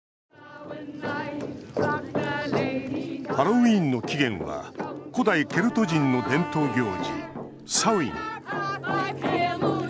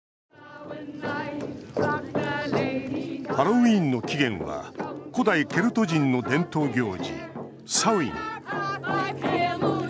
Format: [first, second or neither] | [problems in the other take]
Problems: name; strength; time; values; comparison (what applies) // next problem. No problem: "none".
second | background sound (Bowed string instrument); 9 dB below the speech